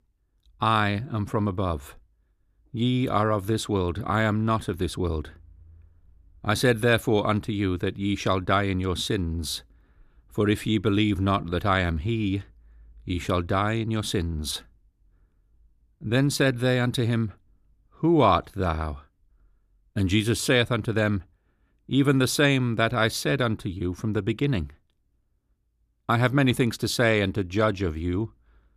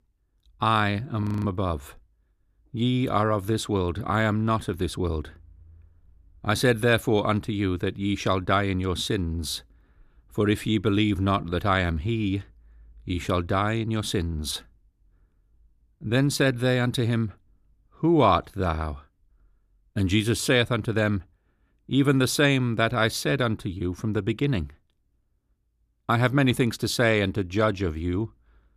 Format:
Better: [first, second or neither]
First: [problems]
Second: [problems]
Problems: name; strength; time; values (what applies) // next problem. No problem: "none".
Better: first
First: none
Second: audio freezing; at 1 s